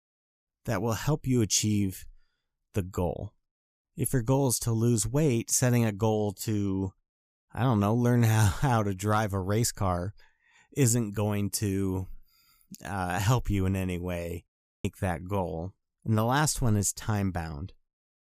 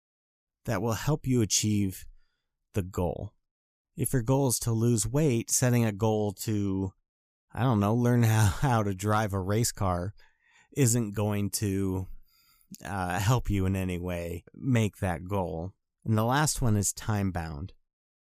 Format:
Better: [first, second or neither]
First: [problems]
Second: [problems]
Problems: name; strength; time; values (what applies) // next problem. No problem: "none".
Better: second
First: audio cutting out; at 14 s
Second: none